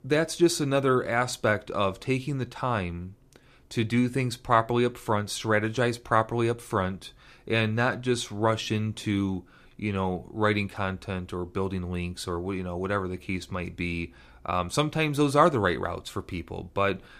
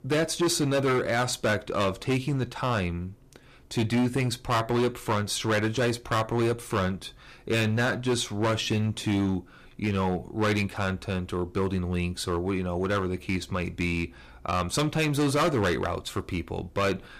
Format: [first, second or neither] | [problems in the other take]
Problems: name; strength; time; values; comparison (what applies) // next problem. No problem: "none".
first | distortion; heavy; 10% of the sound clipped